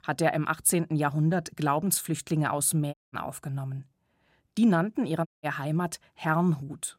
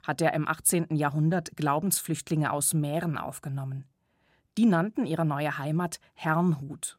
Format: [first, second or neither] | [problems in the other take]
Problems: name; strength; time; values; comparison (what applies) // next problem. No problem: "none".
second | audio cutting out; at 3 s and at 5.5 s